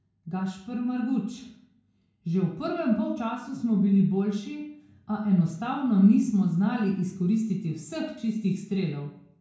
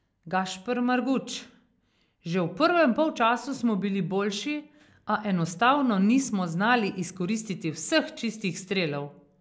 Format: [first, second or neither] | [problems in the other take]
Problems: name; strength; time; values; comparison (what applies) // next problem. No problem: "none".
second | room echo; dies away in 0.5 s